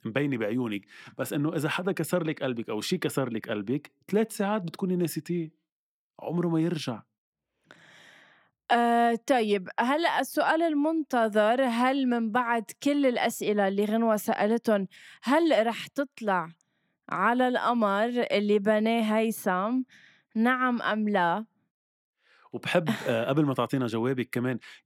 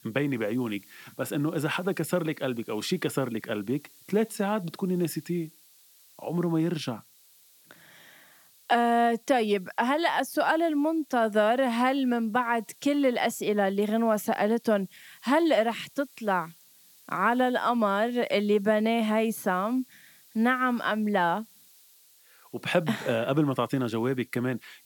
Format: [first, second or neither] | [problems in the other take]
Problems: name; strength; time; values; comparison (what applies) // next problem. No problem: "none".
first | hiss; faint; throughout; 25 dB below the speech